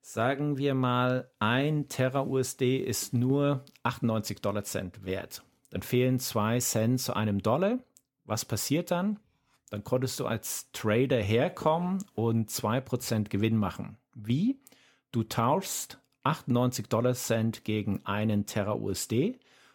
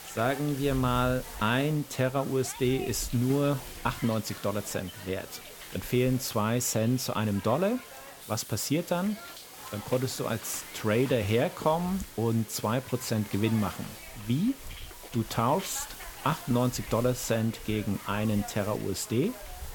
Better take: first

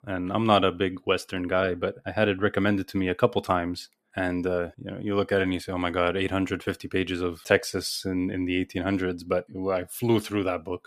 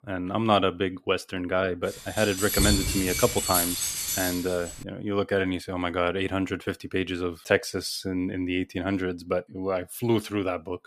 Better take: first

